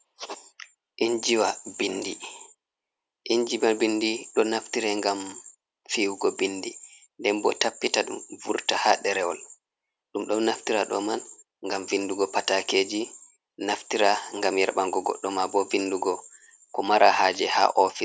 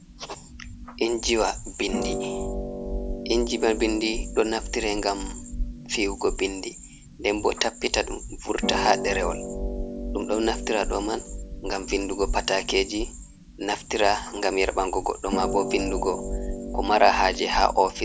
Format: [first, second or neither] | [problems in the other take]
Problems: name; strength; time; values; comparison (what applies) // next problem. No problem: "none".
first | background sound (Harp); 6 dB below the speech